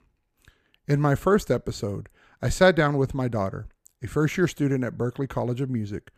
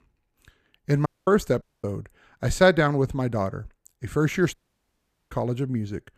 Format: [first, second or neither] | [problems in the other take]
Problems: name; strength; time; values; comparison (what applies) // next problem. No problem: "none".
first | audio cutting out; at 1 s, at 1.5 s and at 4.5 s for 1 s